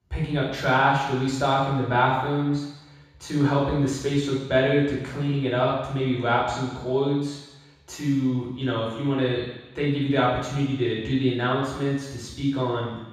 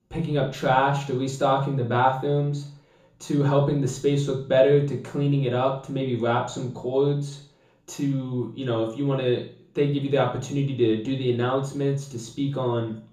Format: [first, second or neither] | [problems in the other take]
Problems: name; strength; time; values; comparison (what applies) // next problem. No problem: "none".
second | room echo; strong; dies away in 1.1 s; slight in the second // off-mic speech; far; far in the second